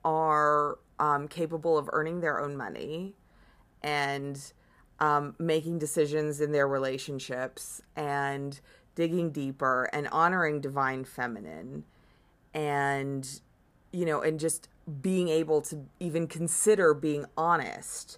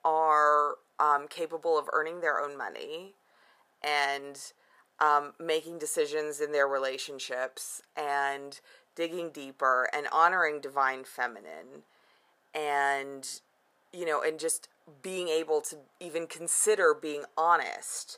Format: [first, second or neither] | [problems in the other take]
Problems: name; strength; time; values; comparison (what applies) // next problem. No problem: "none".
first | thin; very; fading below 600 Hz